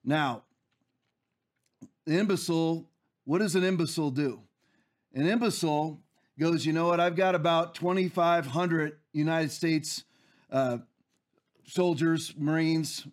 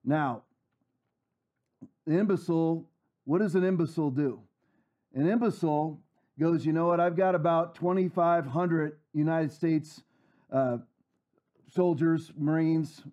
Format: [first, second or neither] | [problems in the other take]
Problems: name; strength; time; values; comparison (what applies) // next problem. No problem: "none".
first | muffled; very; fading above 2 kHz